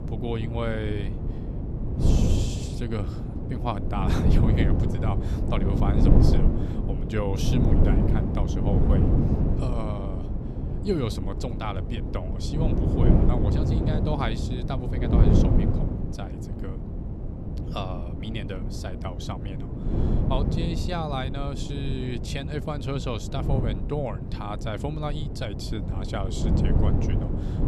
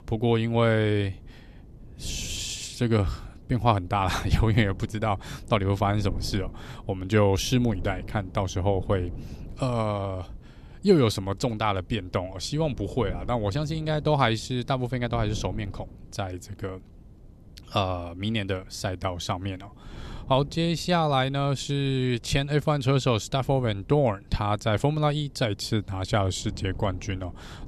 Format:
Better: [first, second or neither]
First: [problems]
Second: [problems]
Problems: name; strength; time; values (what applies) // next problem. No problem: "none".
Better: second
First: wind noise on the microphone; heavy; 1 dB below the speech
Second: wind noise on the microphone; occasional gusts; 25 dB below the speech